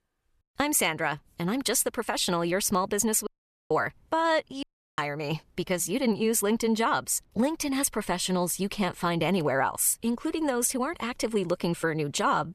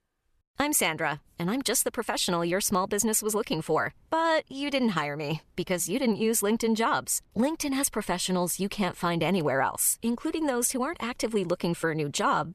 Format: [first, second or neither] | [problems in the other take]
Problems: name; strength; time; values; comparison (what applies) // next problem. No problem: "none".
second | audio cutting out; at 3.5 s and at 4.5 s